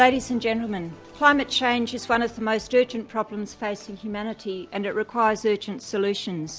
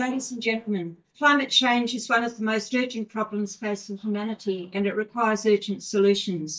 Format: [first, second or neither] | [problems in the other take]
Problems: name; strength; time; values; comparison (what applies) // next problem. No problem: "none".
first | noise reduction (neural mask model DeepFilterNet 3)